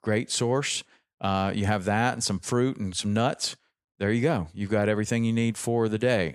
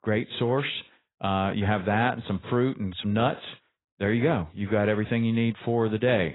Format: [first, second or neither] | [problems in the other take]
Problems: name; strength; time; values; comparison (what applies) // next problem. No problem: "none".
first | garbled, watery; badly; nothing above 4 kHz